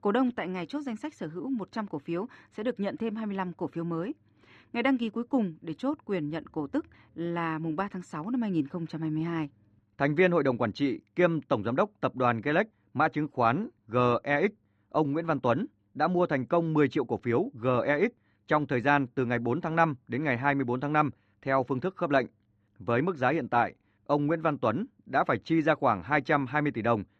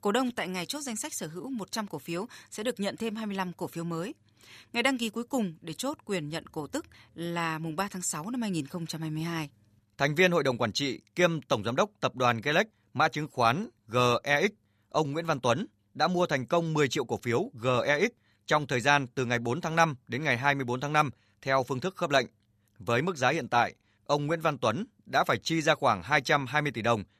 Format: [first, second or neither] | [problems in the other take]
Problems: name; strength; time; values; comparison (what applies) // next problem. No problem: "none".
second | muffled; very; fading above 2 kHz